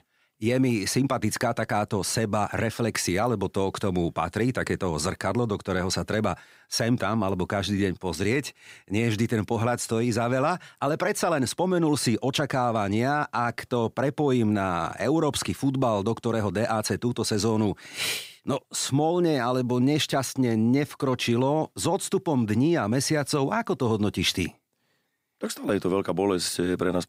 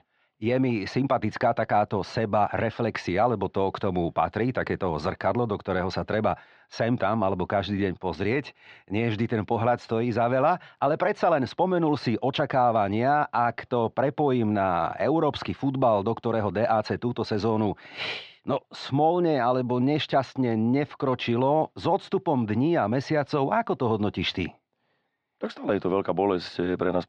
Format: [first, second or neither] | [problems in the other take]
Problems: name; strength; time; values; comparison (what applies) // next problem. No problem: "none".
first | muffled; slightly; fading above 4 kHz